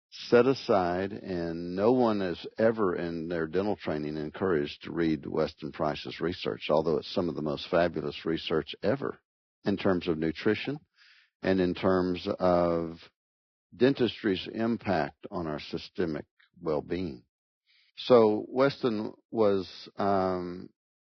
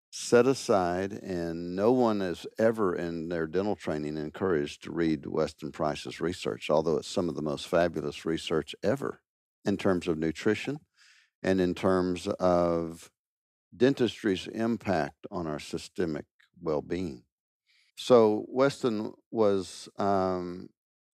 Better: second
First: garbled, watery; badly; nothing above 5.5 kHz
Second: none

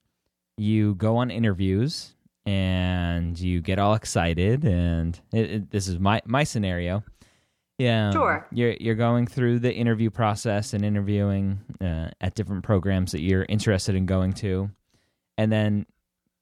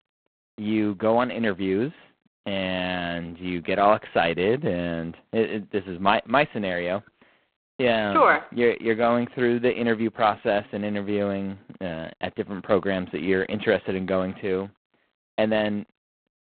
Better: first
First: none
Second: phone-call audio; poor line; nothing above 4 kHz

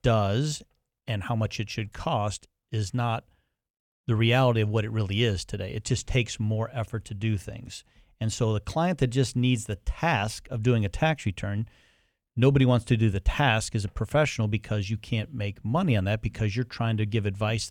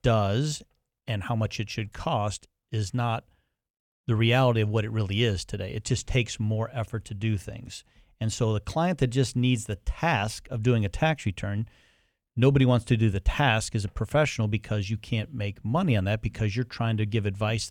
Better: neither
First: none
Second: none

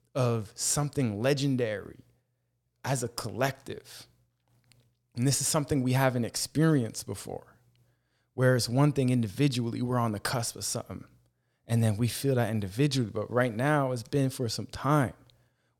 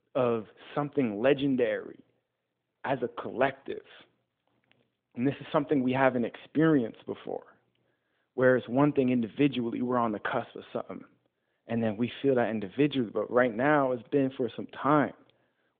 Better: first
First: none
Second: phone-call audio

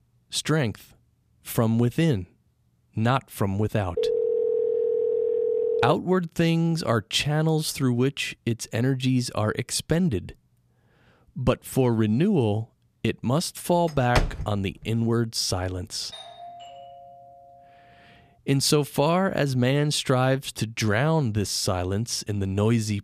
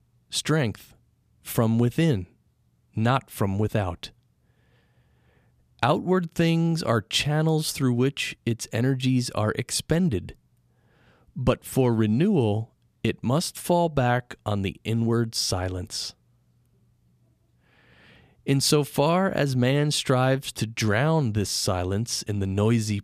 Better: second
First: phone ringing; loud; from 4 to 6 s; peak 1 dB above the speech // door banging; noticeable; at 14 s; peak 3 dB below the speech // doorbell; faint; from 16 to 18 s; peak 15 dB below the speech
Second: none

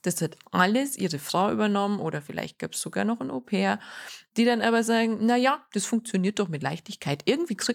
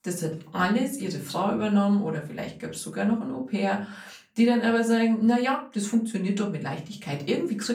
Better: first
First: none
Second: off-mic speech; far // room echo; slight; dies away in 0.4 s

